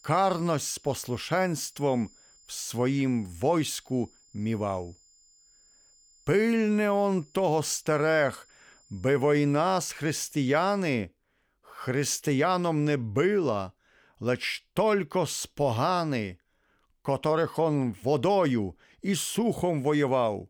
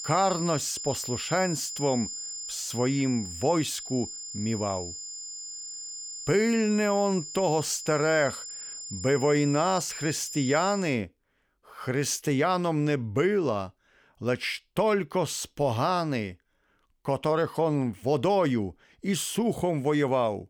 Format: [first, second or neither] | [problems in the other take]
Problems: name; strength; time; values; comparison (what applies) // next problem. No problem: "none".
first | high-pitched whine; loud; until 11 s; 7 kHz, 8 dB below the speech; faint in the first